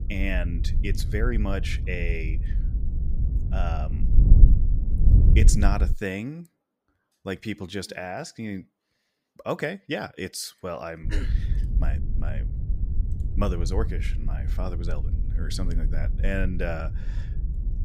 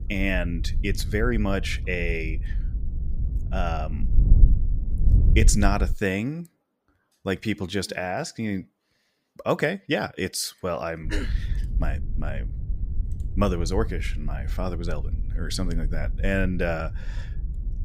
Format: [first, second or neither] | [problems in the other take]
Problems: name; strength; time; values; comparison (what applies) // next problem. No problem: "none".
second | wind noise on the microphone; heavy; until 6 s and from 11 s on; 10 dB below the speech; occasional gusts in the second